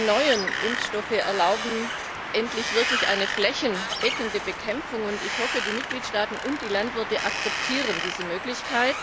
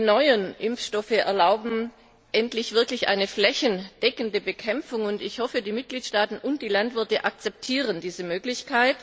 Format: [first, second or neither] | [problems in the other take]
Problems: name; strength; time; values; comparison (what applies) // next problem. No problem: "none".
second | background sound (Wind); 3 dB below the speech